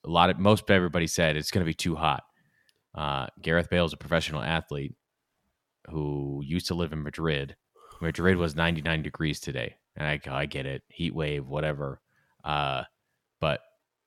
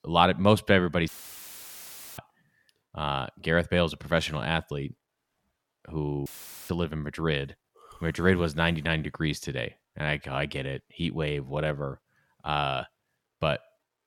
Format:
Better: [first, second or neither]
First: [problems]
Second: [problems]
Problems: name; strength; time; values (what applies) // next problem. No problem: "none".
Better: first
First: none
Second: audio cutting out; filled with static; at 1 s for 1 s and at 6.5 s